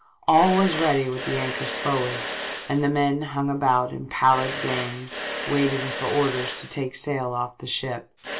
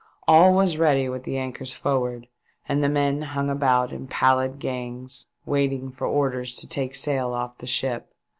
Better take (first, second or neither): second